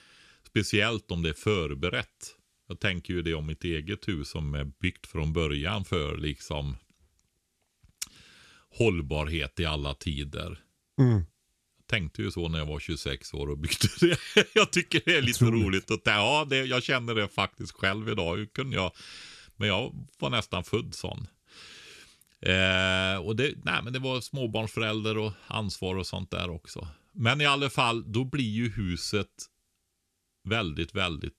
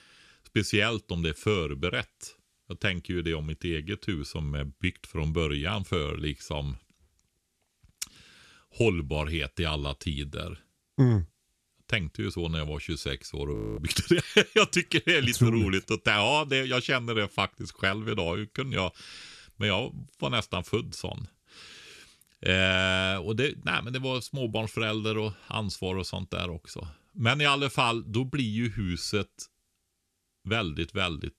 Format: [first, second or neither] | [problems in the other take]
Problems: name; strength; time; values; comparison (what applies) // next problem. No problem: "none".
first | audio freezing; at 14 s